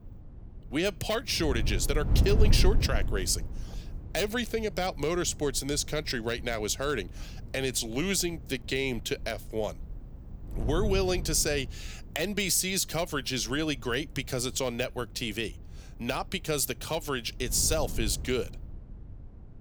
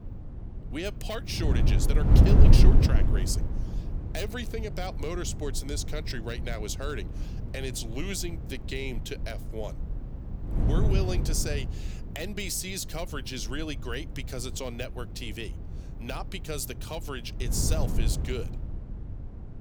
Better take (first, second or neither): first